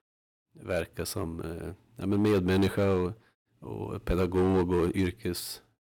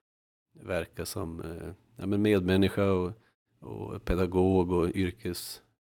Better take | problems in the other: second | distortion; slight; 4% of the sound clipped

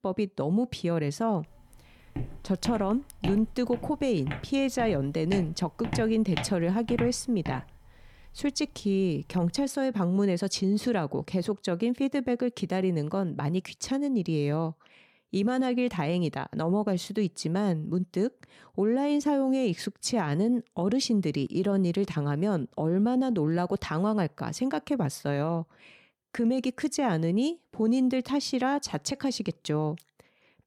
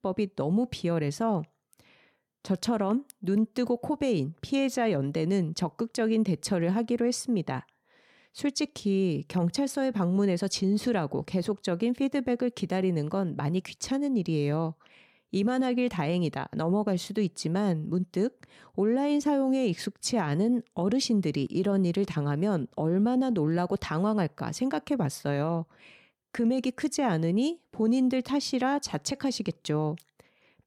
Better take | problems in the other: second | footsteps; noticeable; from 2 to 8.5 s; peak 7 dB below the speech

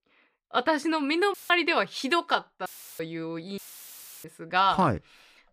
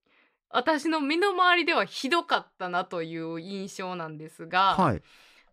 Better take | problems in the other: second | audio cutting out; filled with static; at 1.5 s, at 2.5 s and at 3.5 s for 0.5 s

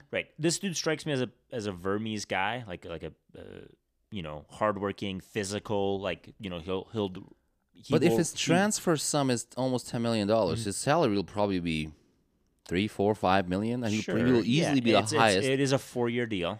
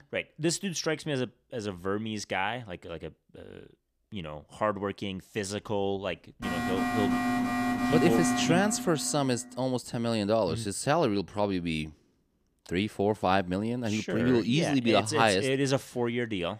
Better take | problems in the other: first | alarm; loud; from 6.5 to 9.5 s; peak 2 dB above the speech

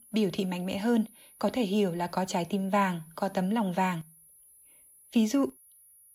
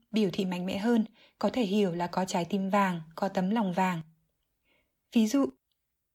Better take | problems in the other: second | high-pitched whine; faint; throughout; 10.5 kHz, 25 dB below the speech

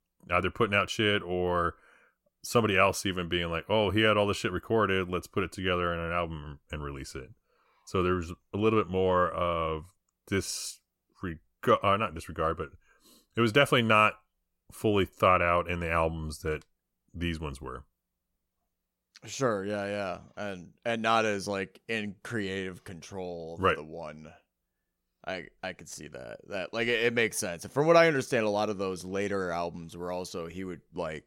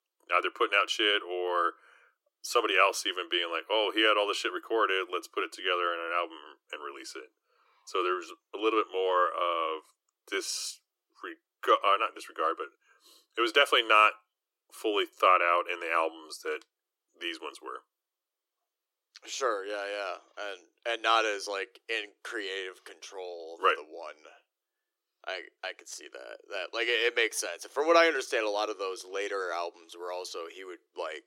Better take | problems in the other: first | thin; very; fading below 350 Hz

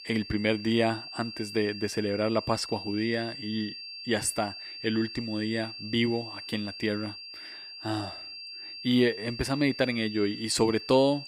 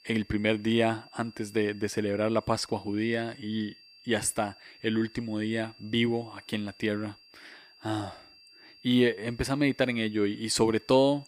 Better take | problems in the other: second | high-pitched whine; loud; throughout; 4.5 kHz, 10 dB below the speech; faint in the second

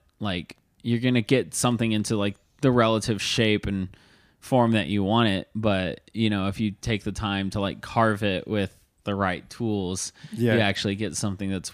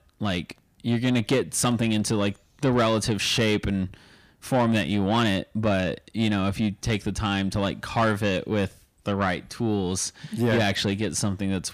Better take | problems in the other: first | distortion; slight; 10 dB below the speech

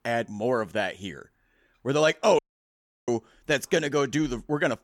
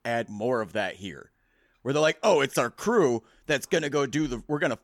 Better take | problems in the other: second | audio cutting out; at 2.5 s for 0.5 s

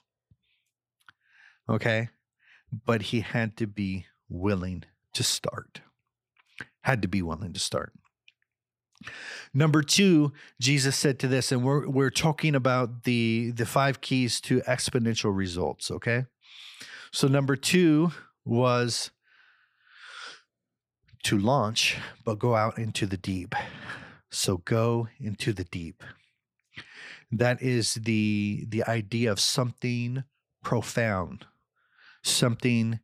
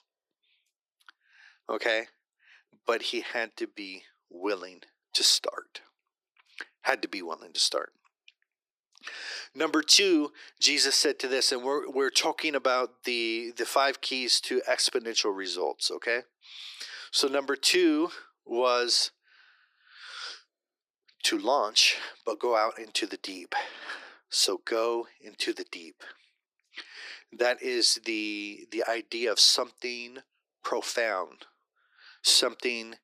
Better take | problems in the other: first | thin; very; fading below 350 Hz

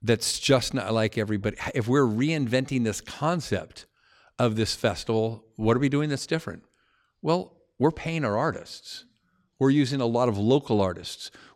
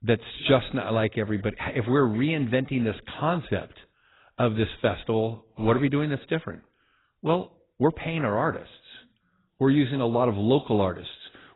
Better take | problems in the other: first | garbled, watery; badly; nothing above 4 kHz

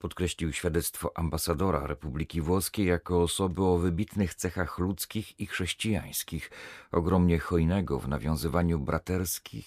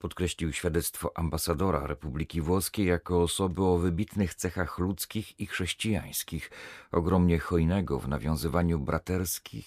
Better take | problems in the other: neither | none

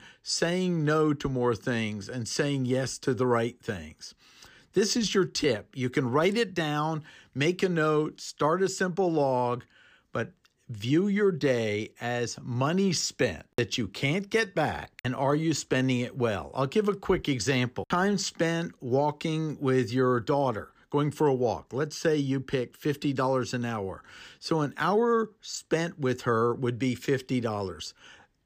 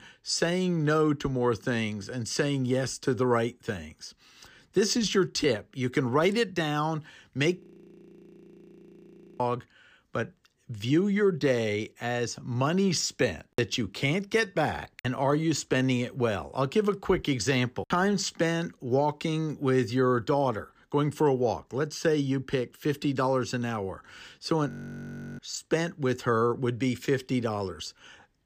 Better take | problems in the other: first | audio freezing; at 7.5 s for 2 s and at 25 s for 0.5 s

